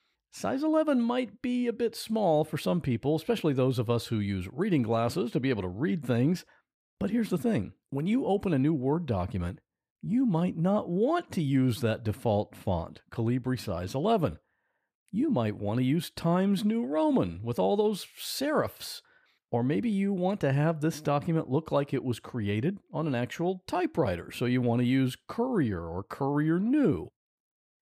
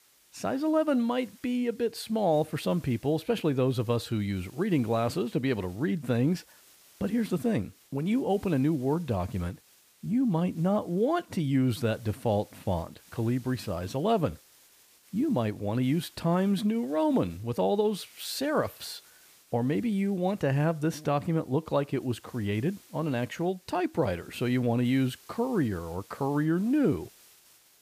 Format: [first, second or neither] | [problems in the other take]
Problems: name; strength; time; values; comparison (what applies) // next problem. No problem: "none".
first | hiss; faint; throughout; 25 dB below the speech